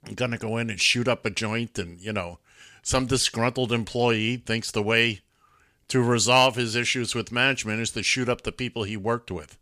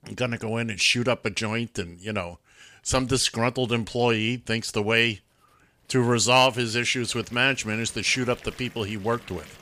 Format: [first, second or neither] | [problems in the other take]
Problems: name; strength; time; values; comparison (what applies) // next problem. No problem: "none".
first | household noises; faint; throughout; 25 dB below the speech